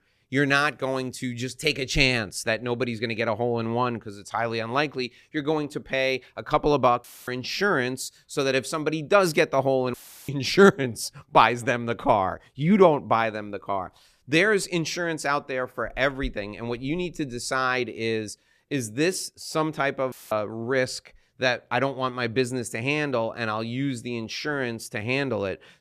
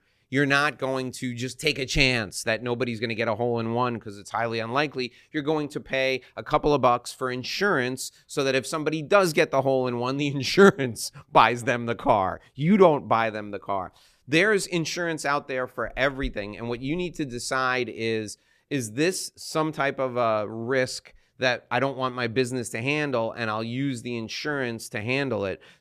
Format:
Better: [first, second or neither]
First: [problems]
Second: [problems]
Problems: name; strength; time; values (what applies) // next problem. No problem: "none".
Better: second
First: audio cutting out; filled with static; at 7 s, at 10 s and at 20 s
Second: none